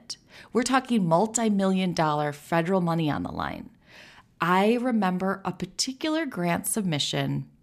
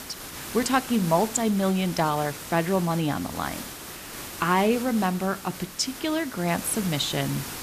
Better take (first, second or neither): first